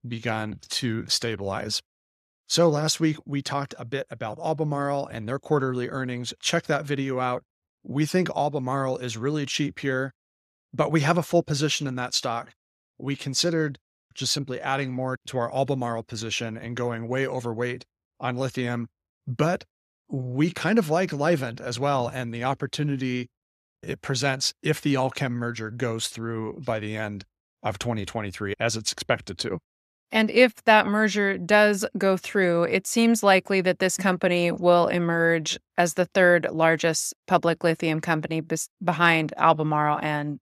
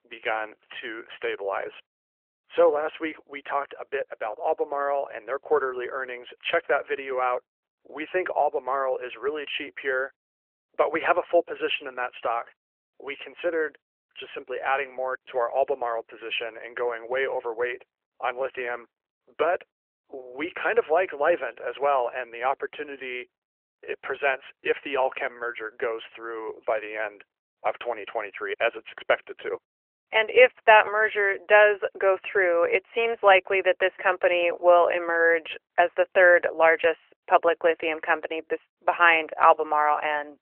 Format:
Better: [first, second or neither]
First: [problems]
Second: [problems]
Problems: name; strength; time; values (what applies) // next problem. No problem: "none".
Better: first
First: none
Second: phone-call audio; nothing above 3 kHz